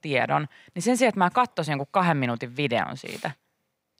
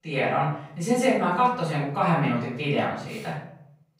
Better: first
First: none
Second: off-mic speech; far // room echo; noticeable; dies away in 0.6 s

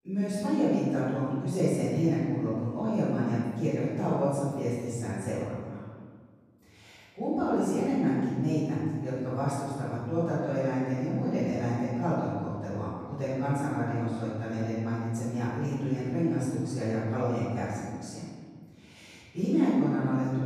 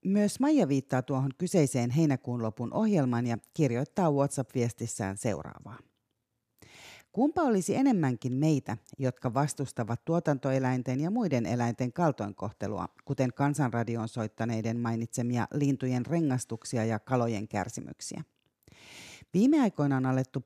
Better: second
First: room echo; strong; dies away in 1.6 s // off-mic speech; far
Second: none

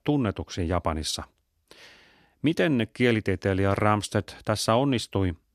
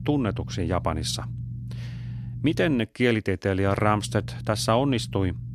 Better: first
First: none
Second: low rumble; faint; until 3 s and from 3.5 s on; 20 dB below the speech

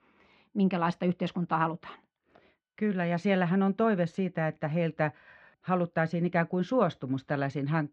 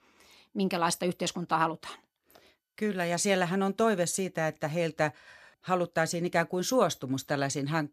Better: second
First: muffled; very; fading above 2.5 kHz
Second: none

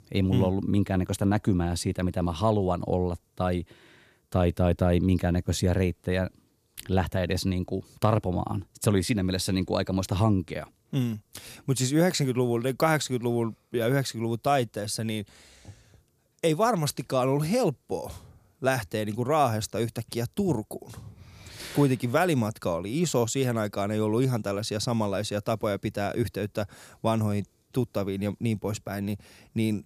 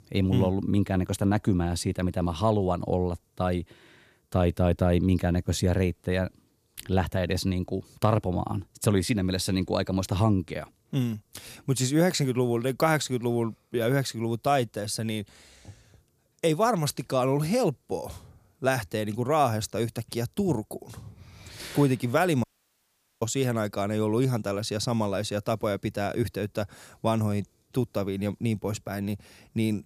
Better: first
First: none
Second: audio cutting out; at 22 s for 1 s

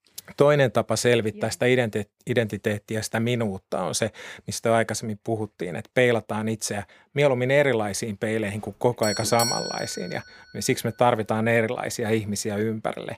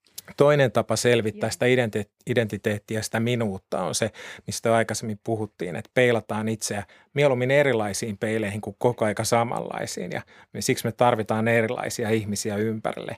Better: second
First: doorbell; noticeable; from 9 to 10 s; peak 1 dB below the speech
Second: none

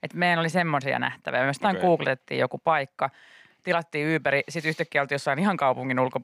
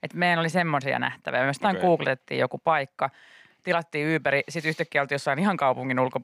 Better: neither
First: none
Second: none

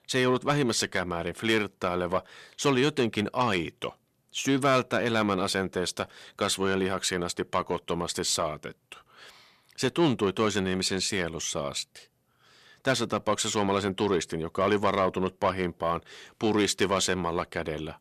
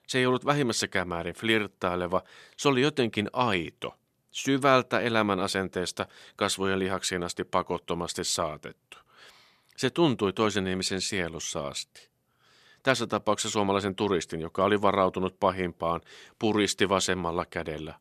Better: second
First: distortion; slight; 10 dB below the speech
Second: none

